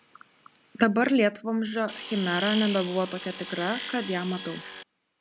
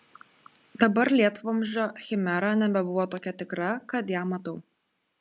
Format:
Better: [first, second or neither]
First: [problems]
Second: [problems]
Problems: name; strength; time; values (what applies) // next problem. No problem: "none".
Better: second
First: background sound (Tools); 9 dB below the speech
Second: none